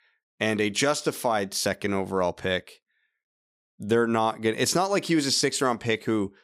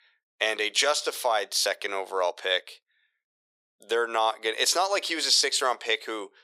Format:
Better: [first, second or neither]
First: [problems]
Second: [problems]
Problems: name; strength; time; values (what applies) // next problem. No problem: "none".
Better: first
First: none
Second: thin; very; fading below 500 Hz